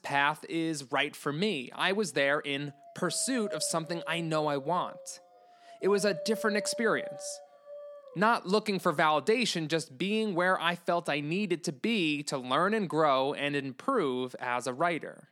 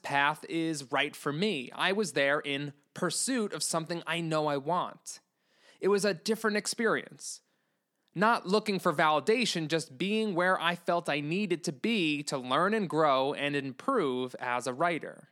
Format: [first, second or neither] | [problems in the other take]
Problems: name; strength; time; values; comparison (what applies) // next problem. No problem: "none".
second | dog barking; noticeable; from 3 to 8 s; peak 8 dB below the speech